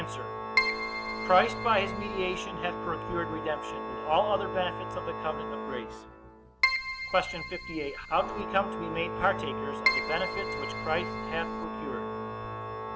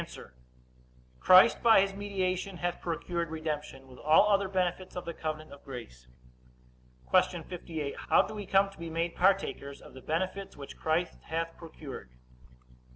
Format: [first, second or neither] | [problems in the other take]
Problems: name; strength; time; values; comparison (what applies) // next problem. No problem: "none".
second | background sound (Keyboard (musical) + Organ); 1 dB below the speech